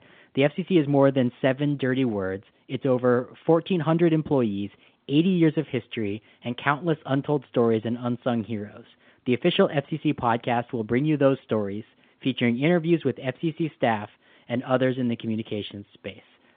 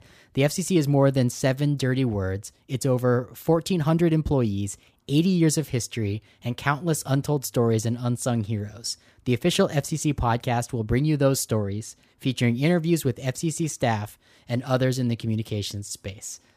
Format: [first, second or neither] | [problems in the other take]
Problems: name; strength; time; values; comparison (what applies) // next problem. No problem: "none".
second | phone-call audio